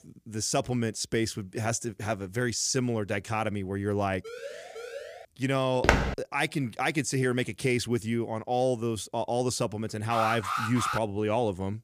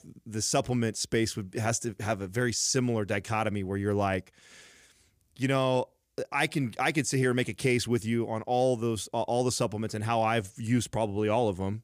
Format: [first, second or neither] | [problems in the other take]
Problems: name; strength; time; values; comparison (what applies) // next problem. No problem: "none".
second | siren; faint; from 4 to 5.5 s; peak 10 dB below the speech // footsteps; loud; at 6 s; peak 5 dB above the speech // alarm; noticeable; at 10 s; peak 1 dB below the speech